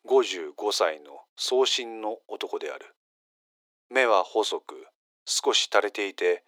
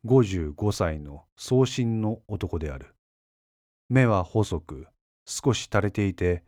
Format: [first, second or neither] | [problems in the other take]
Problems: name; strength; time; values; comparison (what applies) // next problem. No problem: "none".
second | thin; very; fading below 400 Hz